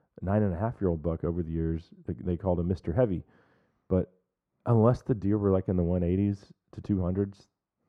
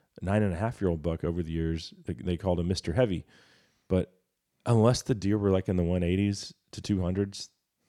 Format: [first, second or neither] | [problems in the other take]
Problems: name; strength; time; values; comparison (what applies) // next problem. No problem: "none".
second | muffled; very; fading above 2 kHz